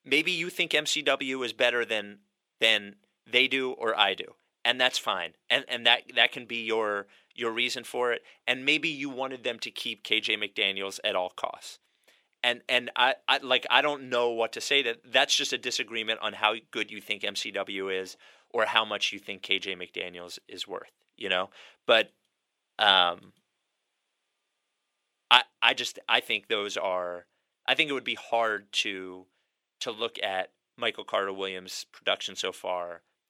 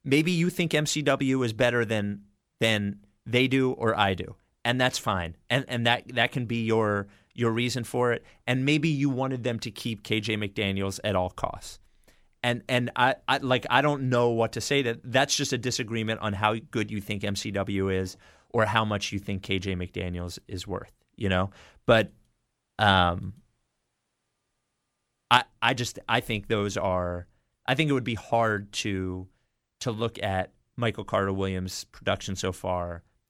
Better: second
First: thin; somewhat; fading below 450 Hz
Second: none

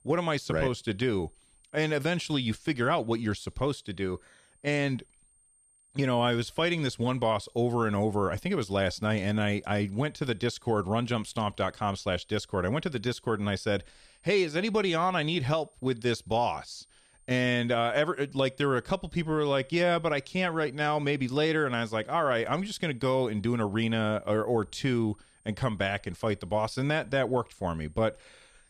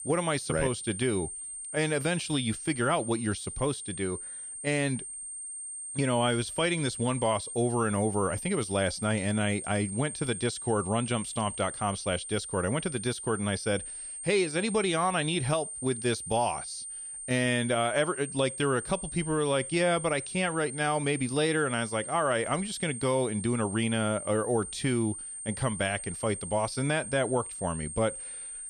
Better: first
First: high-pitched whine; faint; throughout; 8.5 kHz, 35 dB below the speech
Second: high-pitched whine; loud; throughout; 8.5 kHz, 7 dB below the speech

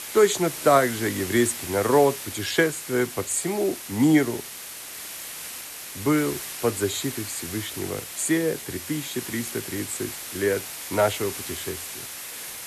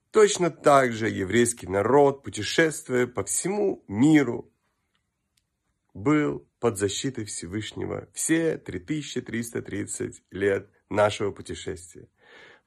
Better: second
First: hiss; loud; throughout; 9 dB below the speech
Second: none

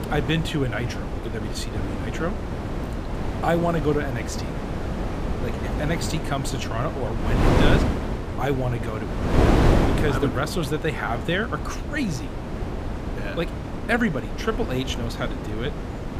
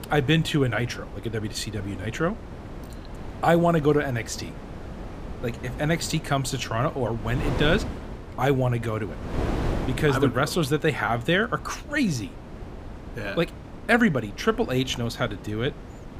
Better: second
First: wind noise on the microphone; heavy; 3 dB below the speech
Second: wind noise on the microphone; occasional gusts; 15 dB below the speech

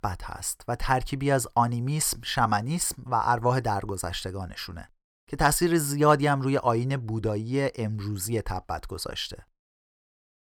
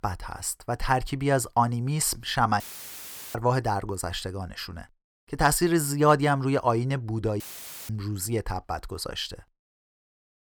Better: first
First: none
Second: audio cutting out; filled with static; at 2.5 s for 1 s and at 7.5 s

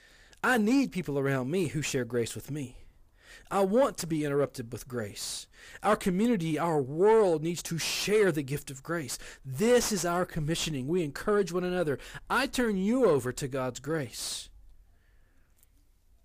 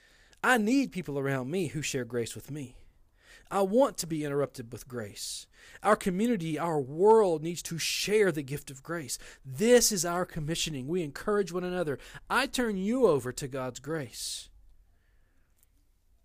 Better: second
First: distortion; slight; 10 dB below the speech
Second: none

